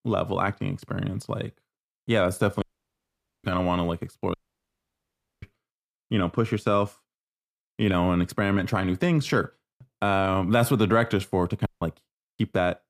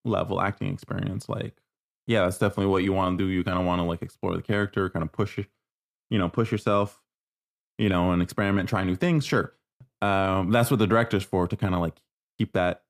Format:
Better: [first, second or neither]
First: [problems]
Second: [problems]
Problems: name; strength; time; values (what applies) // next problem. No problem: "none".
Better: second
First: audio cutting out; at 2.5 s for 1 s, at 4.5 s for 1 s and at 12 s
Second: none